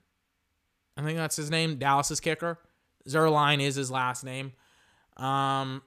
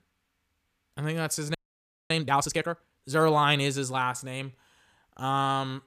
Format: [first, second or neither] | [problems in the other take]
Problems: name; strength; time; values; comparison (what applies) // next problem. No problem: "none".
first | audio freezing; at 1.5 s for 0.5 s